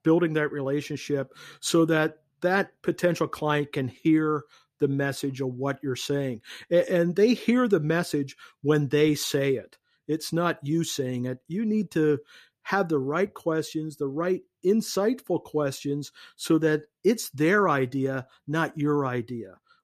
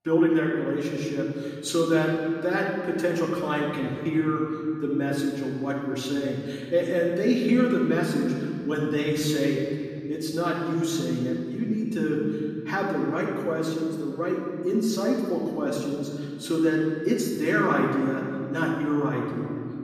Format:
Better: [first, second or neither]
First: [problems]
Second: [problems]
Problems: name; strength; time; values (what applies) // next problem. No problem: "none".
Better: first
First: none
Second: off-mic speech; far // room echo; noticeable; dies away in 2.3 s